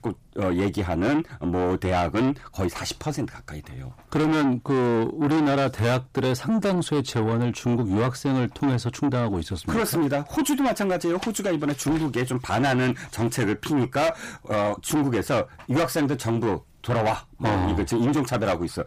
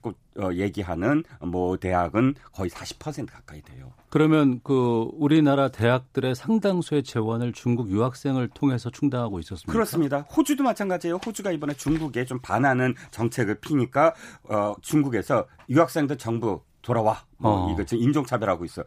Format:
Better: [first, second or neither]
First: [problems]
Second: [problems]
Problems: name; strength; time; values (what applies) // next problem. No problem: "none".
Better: second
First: distortion; heavy; 7 dB below the speech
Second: none